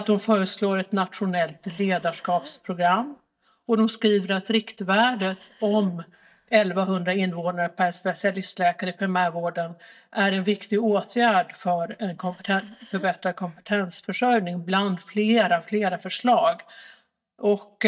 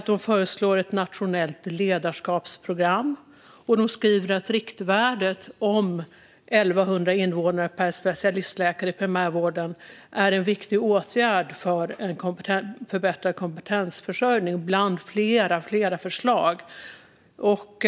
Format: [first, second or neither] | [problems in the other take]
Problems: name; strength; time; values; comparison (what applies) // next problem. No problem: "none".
second | noise reduction (neural mask model DeepFilterNet 3)